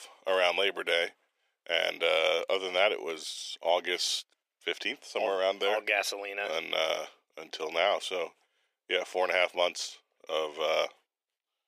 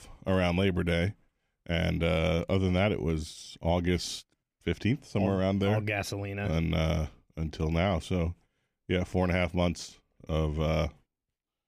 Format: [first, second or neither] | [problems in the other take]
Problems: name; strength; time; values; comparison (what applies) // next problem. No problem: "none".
second | thin; very; fading below 450 Hz